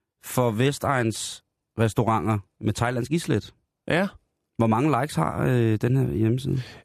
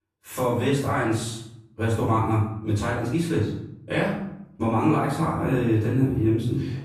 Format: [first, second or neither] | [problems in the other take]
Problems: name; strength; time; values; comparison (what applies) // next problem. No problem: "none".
first | off-mic speech; far // room echo; noticeable; dies away in 0.7 s